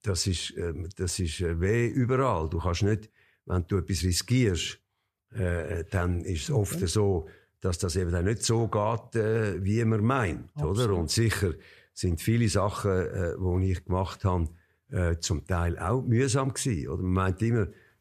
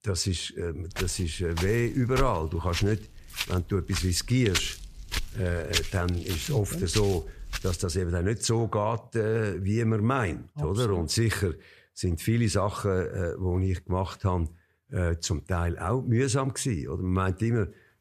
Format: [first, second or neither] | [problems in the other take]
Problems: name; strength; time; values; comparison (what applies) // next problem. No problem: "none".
first | footsteps; noticeable; from 1 to 8 s; peak 1 dB below the speech